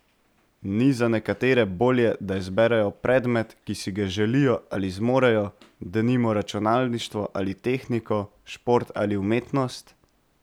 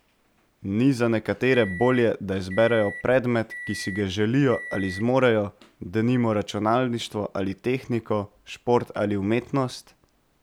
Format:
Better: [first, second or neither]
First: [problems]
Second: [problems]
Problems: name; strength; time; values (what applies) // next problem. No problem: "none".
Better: first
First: none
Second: background sound (Microwave oven); 14 dB below the speech